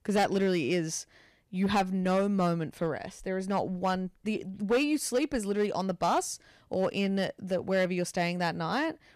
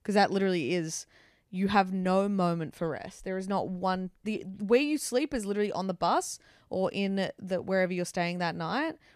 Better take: second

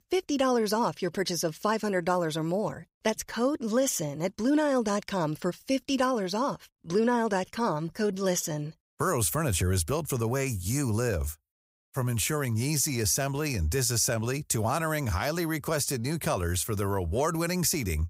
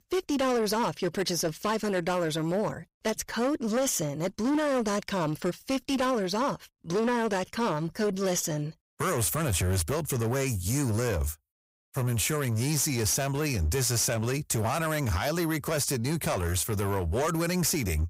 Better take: first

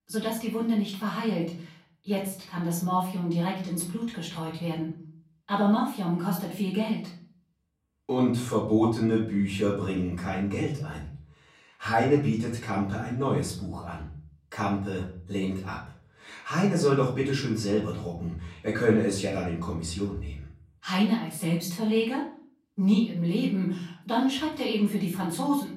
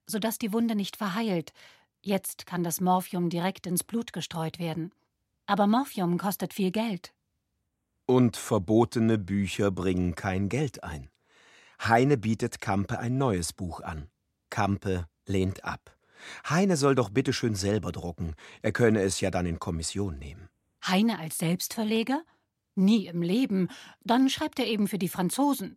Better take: second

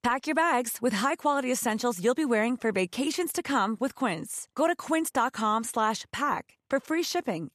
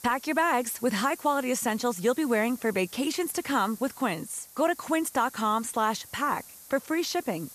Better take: first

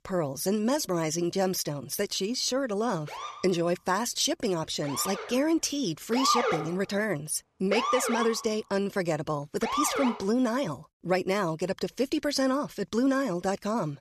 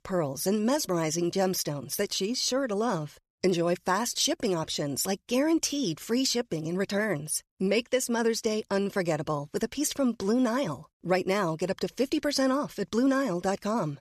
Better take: second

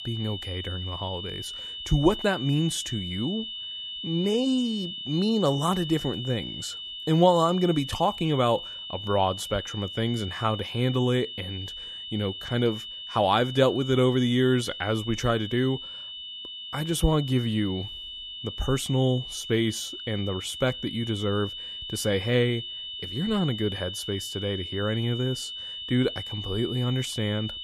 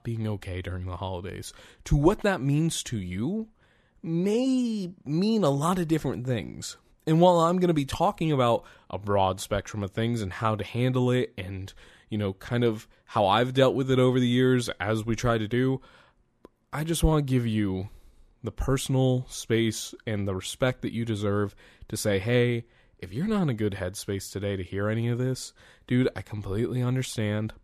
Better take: second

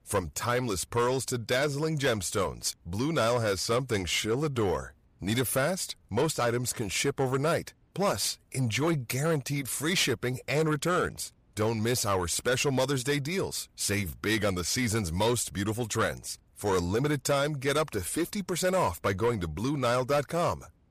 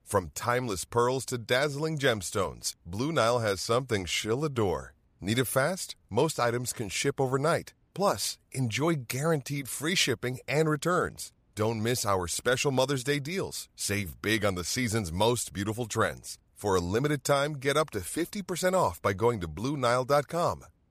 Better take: second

